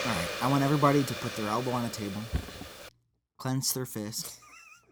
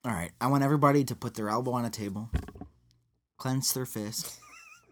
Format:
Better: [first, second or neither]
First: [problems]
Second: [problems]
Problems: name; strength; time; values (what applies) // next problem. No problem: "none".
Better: second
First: hiss; loud; until 3 s; 8 dB below the speech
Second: none